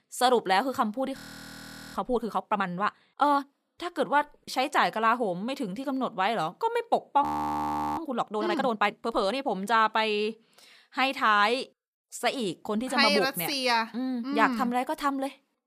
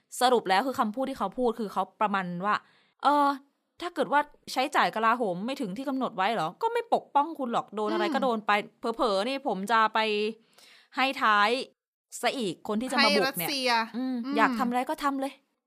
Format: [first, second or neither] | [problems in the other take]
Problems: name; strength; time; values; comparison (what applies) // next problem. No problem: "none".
second | audio freezing; at 1 s for 1 s and at 7 s for 0.5 s